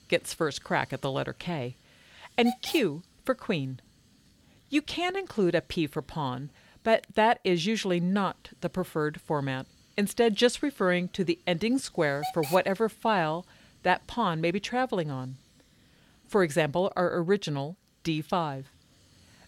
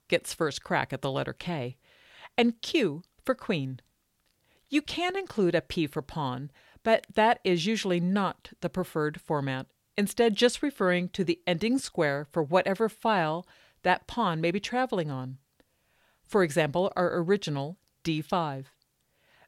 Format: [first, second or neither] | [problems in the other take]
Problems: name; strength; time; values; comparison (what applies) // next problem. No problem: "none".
second | hiss; noticeable; throughout; 15 dB below the speech